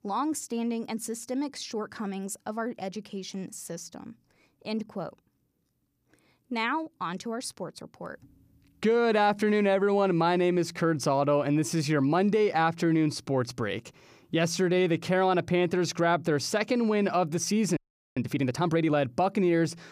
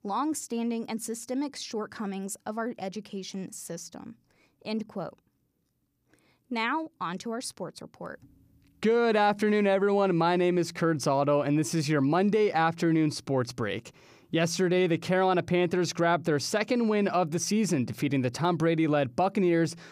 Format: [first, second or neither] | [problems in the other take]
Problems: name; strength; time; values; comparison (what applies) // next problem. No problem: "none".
second | audio freezing; at 18 s